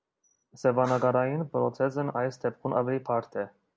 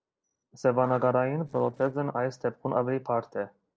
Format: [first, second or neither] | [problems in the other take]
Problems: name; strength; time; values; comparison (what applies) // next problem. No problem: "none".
first | noise reduction (neural separator model SepFormer DNS4)